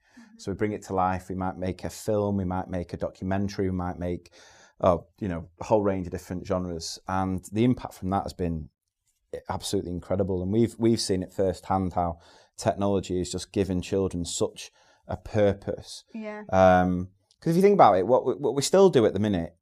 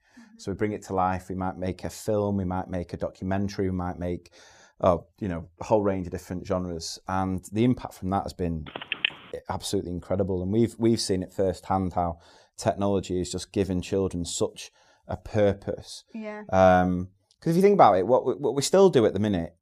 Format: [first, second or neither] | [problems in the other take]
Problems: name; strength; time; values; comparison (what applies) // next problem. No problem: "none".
first | phone ringing; noticeable; at 8.5 s; peak 2 dB below the speech